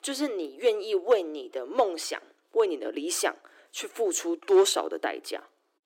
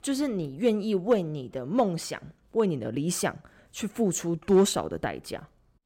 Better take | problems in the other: second | thin; somewhat; fading below 300 Hz

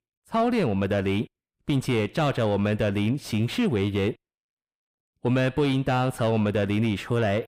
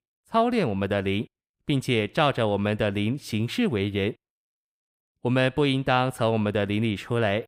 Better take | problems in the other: second | distortion; slight; 10 dB below the speech

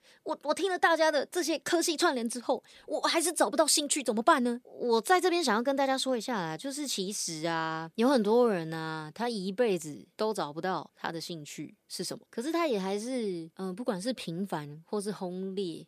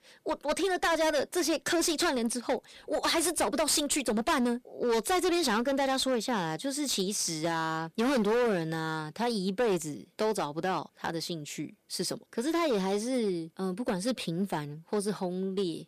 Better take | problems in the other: first | distortion; heavy; 13% of the sound clipped

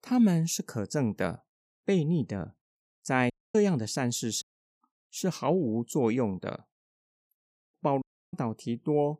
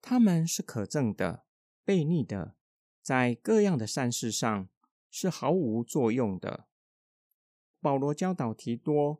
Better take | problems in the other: second | audio cutting out; at 3.5 s, at 4.5 s and at 8 s

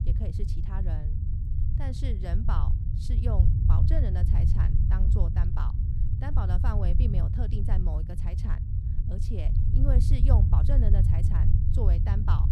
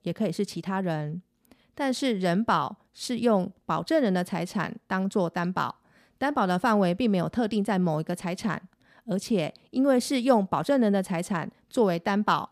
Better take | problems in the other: second | low rumble; loud; throughout; 1 dB below the speech

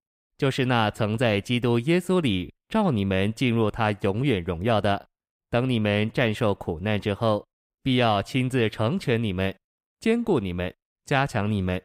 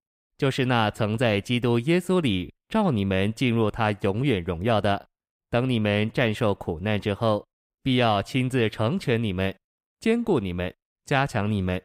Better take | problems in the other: neither | none

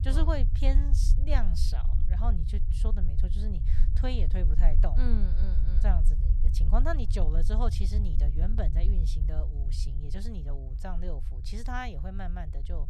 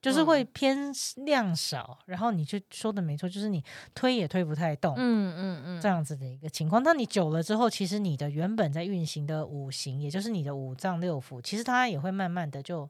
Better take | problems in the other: second | low rumble; loud; throughout; 9 dB below the speech

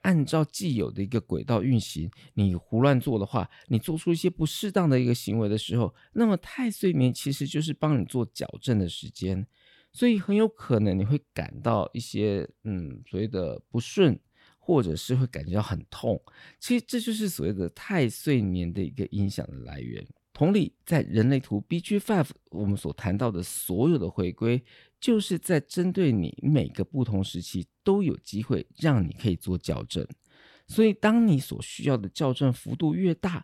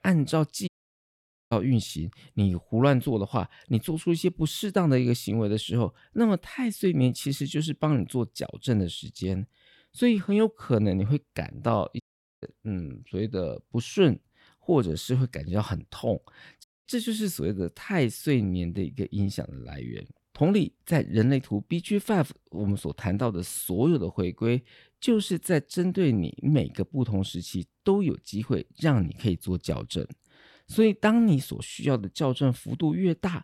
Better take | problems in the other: first | audio cutting out; at 0.5 s for 1 s, at 12 s and at 17 s

